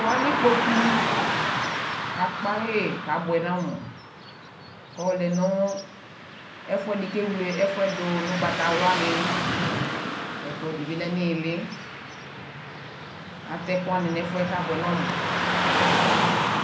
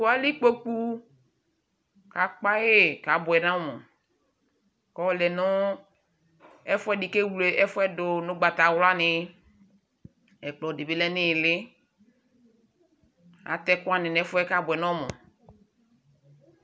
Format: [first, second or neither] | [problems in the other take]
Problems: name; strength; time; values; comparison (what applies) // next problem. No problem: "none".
second | background sound (Car passing by / Traffic noise, roadway noise); as loud as the speech // room echo; dies away in 0.5 s